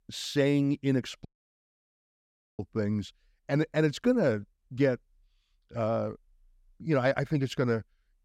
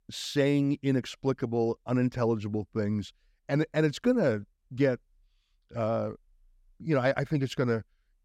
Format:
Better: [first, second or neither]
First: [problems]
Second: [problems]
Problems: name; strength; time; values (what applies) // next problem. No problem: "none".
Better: second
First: audio cutting out; at 1.5 s for 1.5 s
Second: none